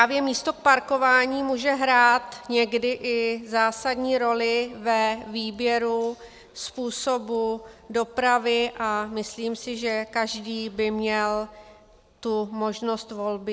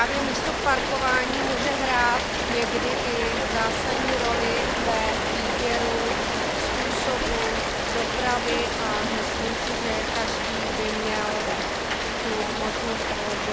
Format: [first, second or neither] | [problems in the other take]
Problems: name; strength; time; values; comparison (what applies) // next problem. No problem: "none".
first | background sound (Rain); 3 dB above the speech